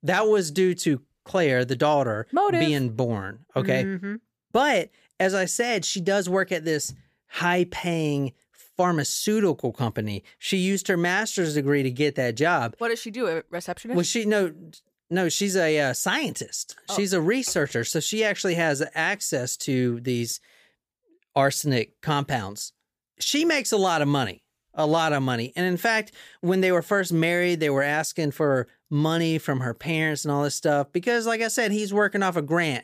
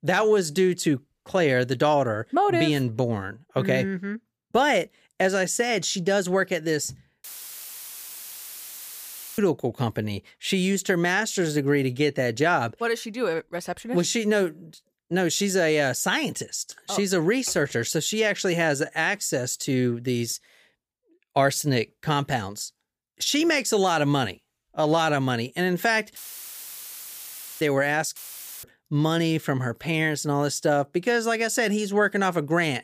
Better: first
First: none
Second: audio cutting out; filled with static; at 7 s for 2 s, at 26 s for 1.5 s and at 28 s

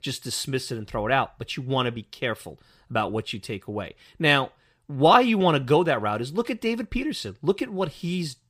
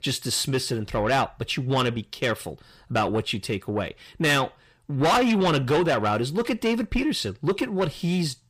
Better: first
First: none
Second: distortion; heavy; 6 dB below the speech

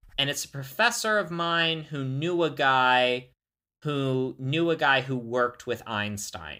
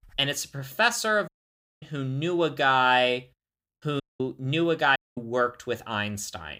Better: first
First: none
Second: audio cutting out; at 1.5 s for 0.5 s, at 4 s and at 5 s

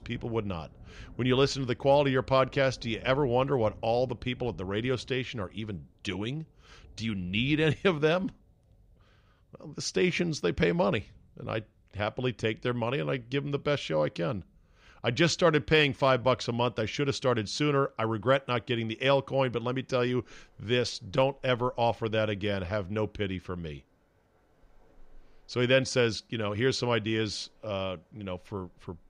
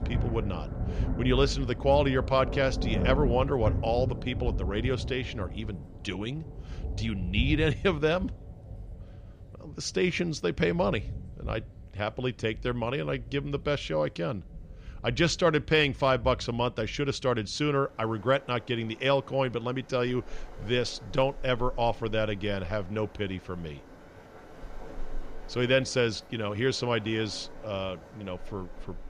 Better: first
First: rain or running water; faint; throughout; 25 dB below the speech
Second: rain or running water; loud; throughout; 8 dB below the speech

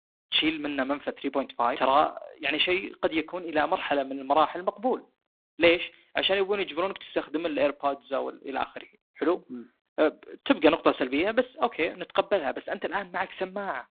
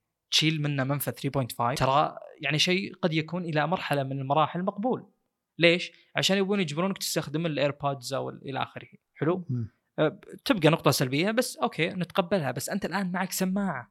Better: second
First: phone-call audio; poor line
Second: none

